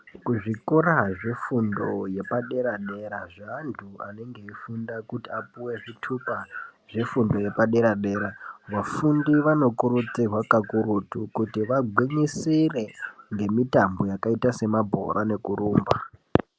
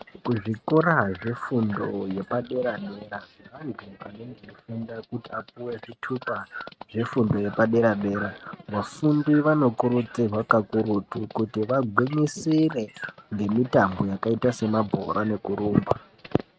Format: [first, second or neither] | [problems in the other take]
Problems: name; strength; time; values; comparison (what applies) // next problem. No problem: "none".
first | noise reduction (neural mask model RNNoise)